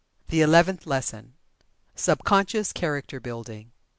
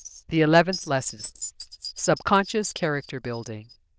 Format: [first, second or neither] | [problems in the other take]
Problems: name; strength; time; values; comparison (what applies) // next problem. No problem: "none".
first | noise reduction (neural diffusion model UNIVERSE++)